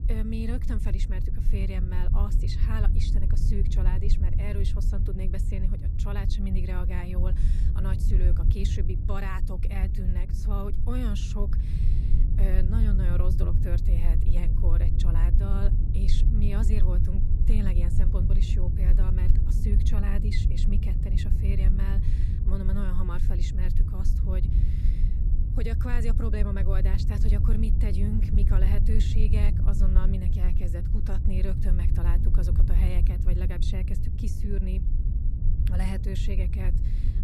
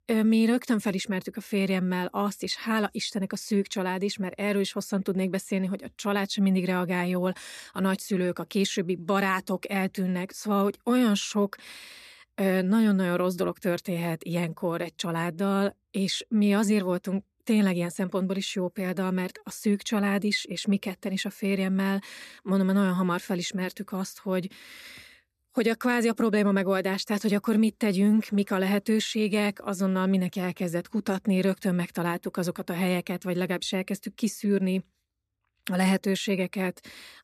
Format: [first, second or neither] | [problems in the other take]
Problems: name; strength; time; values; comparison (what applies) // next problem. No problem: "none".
second | low rumble; loud; throughout; 3 dB below the speech